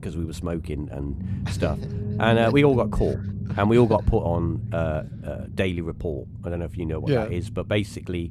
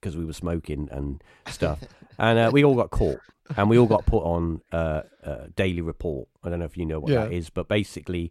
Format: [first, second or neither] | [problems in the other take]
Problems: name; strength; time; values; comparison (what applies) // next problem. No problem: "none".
second | low rumble; noticeable; throughout; 15 dB below the speech